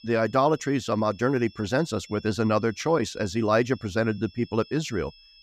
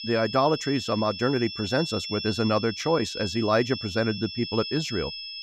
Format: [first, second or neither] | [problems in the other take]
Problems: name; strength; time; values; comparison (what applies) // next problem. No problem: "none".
first | high-pitched whine; loud; throughout; 5.5 kHz, 7 dB below the speech; faint in the first